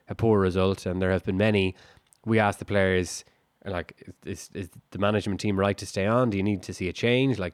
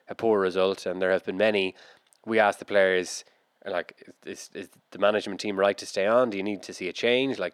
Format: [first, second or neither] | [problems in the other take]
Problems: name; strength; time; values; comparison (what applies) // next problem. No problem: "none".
first | thin; somewhat; fading below 300 Hz